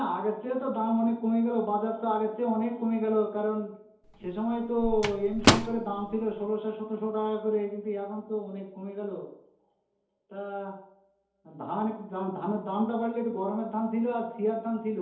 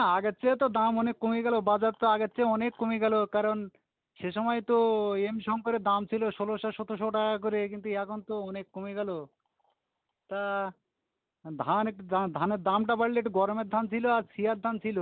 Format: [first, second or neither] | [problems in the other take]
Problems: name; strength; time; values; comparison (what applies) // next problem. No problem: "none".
second | background sound (Microwave oven); as loud as the speech // room echo; dies away in 2.2 s